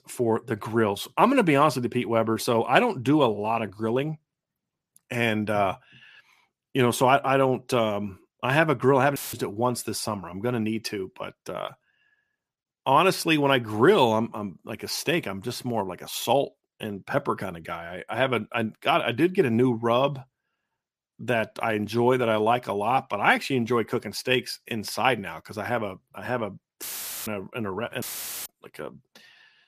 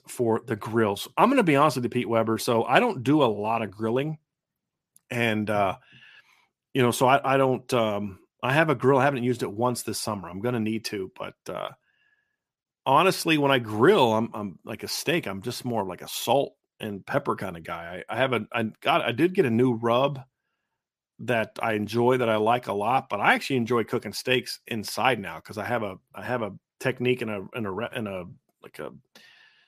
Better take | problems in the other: second | audio cutting out; filled with static; at 9 s, at 27 s and at 28 s

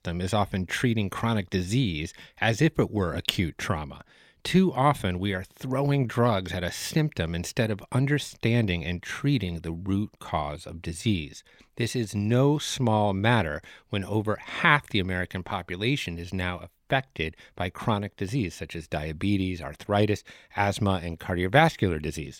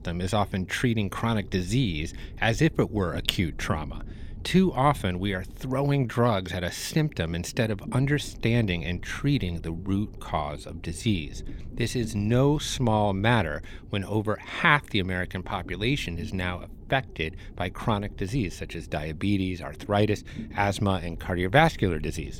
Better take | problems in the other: first | low rumble; faint; throughout; 25 dB below the speech

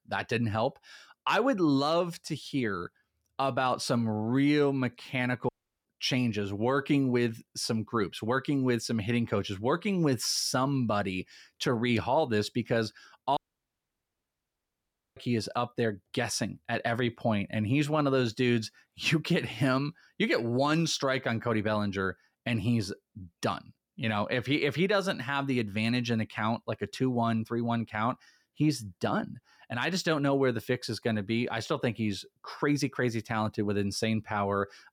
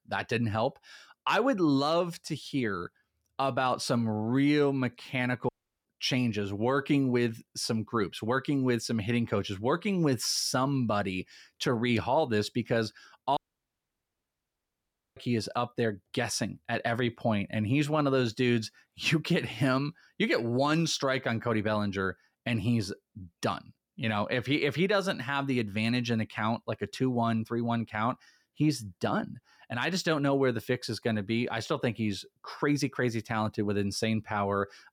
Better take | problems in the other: neither | audio cutting out; at 5.5 s and at 13 s for 2 s; the same in both

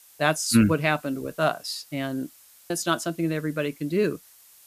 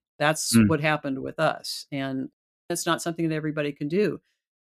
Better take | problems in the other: second | hiss; faint; throughout; 25 dB below the speech

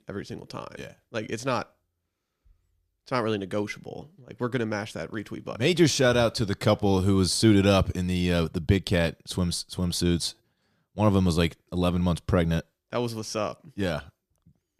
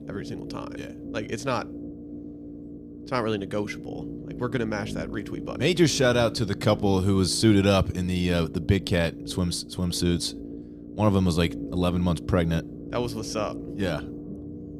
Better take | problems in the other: first | low rumble; noticeable; throughout; 15 dB below the speech

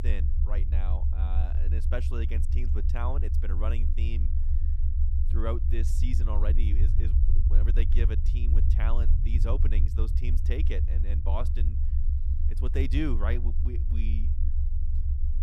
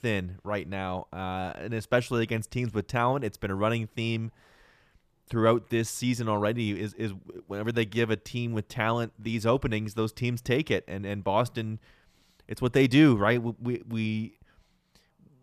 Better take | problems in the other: second | low rumble; loud; throughout; 6 dB below the speech

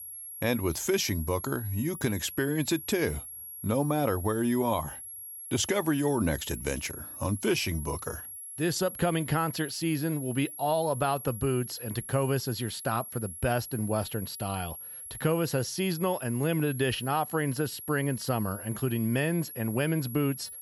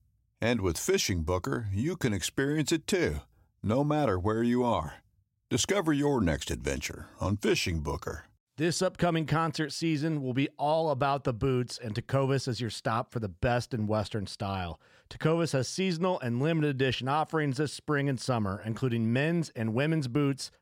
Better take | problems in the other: second | high-pitched whine; loud; throughout; 11.5 kHz, 10 dB below the speech

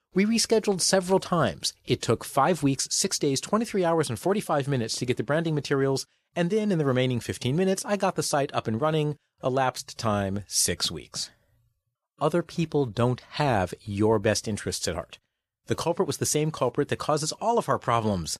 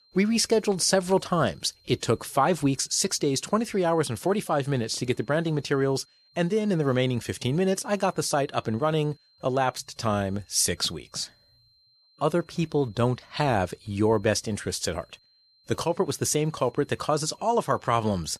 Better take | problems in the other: first | high-pitched whine; faint; throughout; 4 kHz, 35 dB below the speech

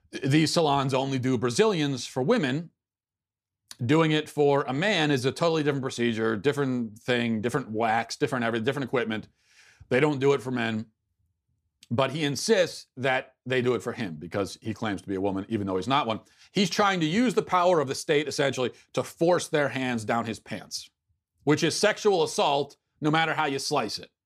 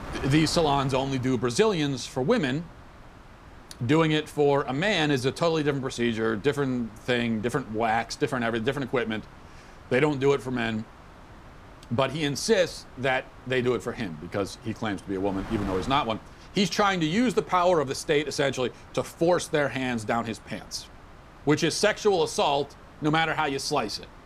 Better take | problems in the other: first | wind noise on the microphone; occasional gusts; 20 dB below the speech

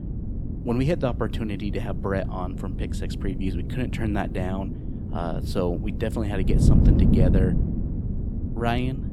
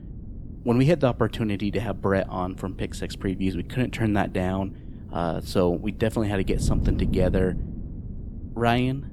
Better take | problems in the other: second | wind noise on the microphone; heavy; 5 dB below the speech; occasional gusts in the second

